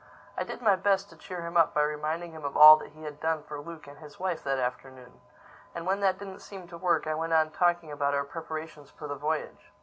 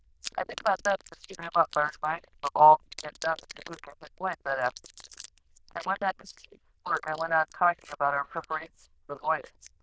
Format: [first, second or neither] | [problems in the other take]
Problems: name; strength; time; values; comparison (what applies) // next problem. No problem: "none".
first | noise reduction (neural diffusion model UNIVERSE++)